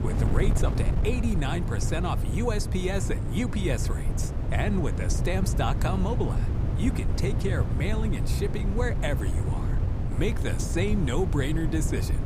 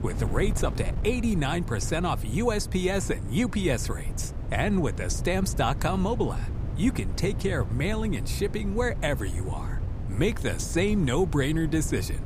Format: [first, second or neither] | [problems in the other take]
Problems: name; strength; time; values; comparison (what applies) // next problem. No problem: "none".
second | wind noise on the microphone; heavy; 6 dB below the speech; occasional gusts in the second